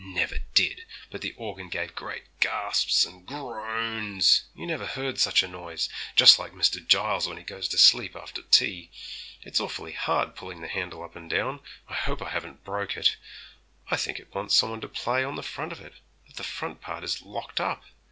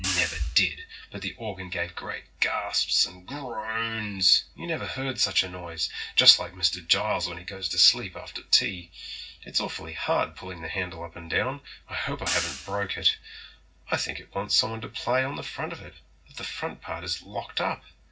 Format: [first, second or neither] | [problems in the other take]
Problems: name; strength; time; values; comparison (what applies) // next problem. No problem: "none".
first | background sound (Hi-hat); 8 dB below the speech // room echo; dies away in 0.4 s